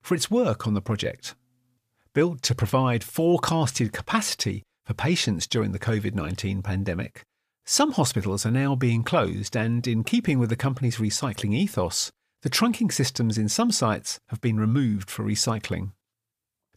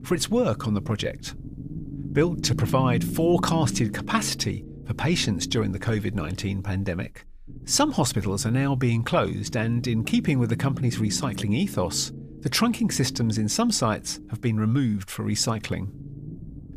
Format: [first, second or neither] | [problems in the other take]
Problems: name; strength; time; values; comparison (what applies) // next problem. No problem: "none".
first | low rumble; noticeable; throughout; 15 dB below the speech